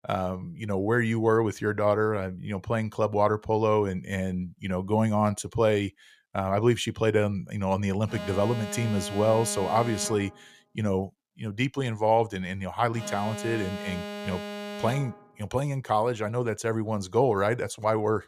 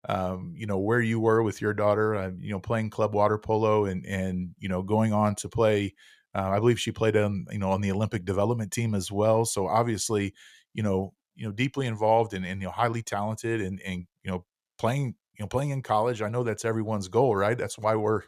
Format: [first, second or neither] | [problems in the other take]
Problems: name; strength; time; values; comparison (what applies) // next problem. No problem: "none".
second | alarm; noticeable; from 8 to 15 s; peak 9 dB below the speech